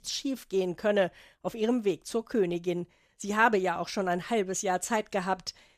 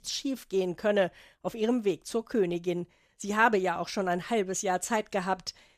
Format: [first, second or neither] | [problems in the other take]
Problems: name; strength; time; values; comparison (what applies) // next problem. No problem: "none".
neither | none